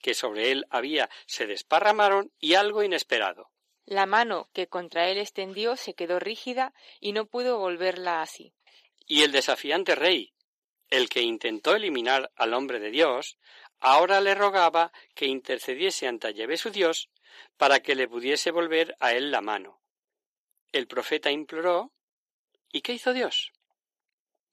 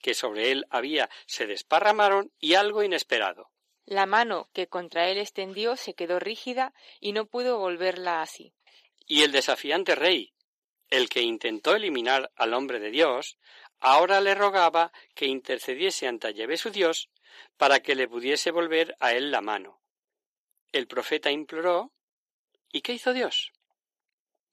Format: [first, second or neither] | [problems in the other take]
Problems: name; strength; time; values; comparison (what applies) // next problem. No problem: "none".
neither | thin; somewhat; fading below 300 Hz; the same in both